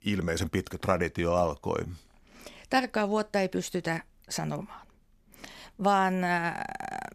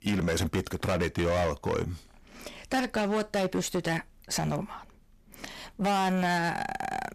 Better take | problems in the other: first | distortion; heavy; 15% of the sound clipped

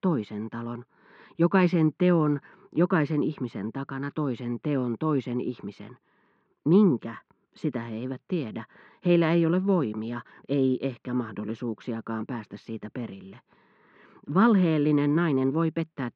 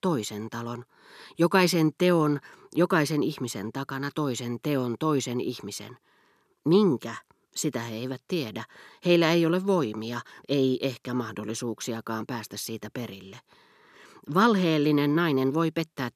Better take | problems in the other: second | muffled; very; fading above 2.5 kHz

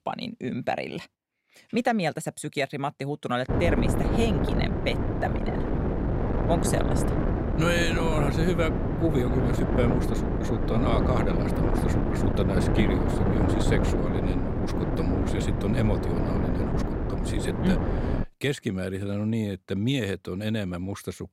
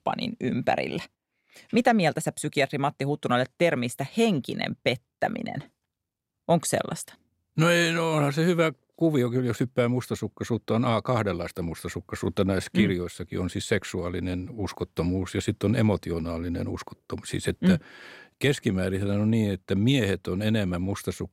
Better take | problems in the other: second | wind noise on the microphone; heavy; from 3.5 to 18 s; 1 dB below the speech

